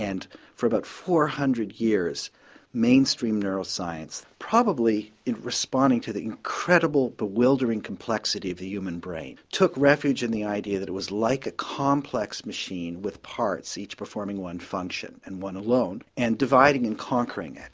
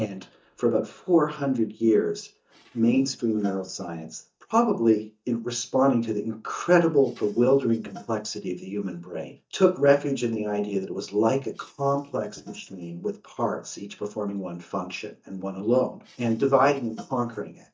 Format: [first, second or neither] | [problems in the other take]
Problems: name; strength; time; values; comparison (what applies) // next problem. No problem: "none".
first | noise reduction (neural mask model DeepFilterNet 3)